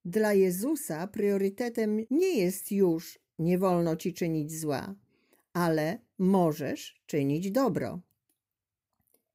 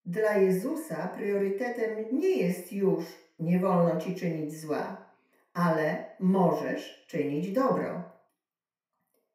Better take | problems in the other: first | room echo; noticeable; dies away in 0.6 s // off-mic speech; far

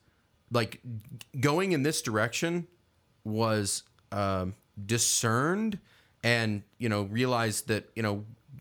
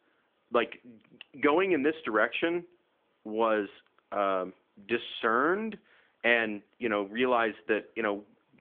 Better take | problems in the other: first | phone-call audio; nothing above 3.5 kHz

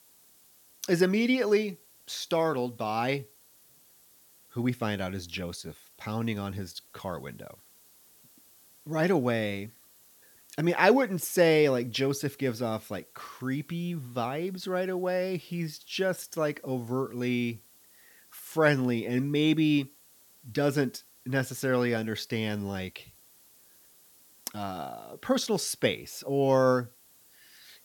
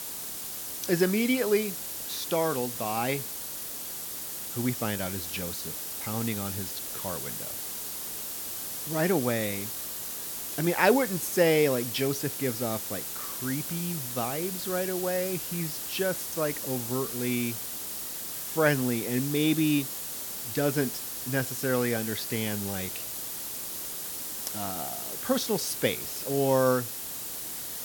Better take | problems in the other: first | hiss; loud; throughout; 4 dB below the speech; faint in the first

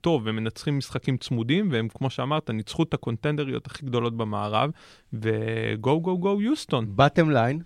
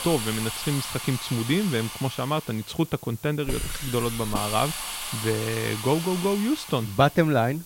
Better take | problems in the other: first | hiss; loud; throughout; 6 dB below the speech

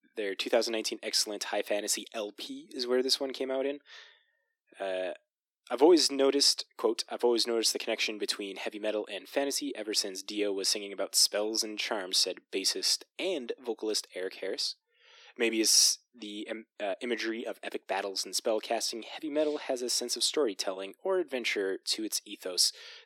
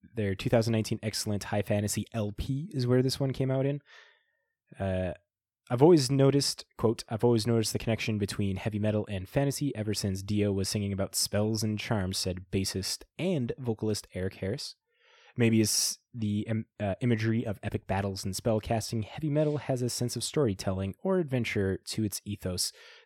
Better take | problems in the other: second | thin; somewhat; fading below 300 Hz

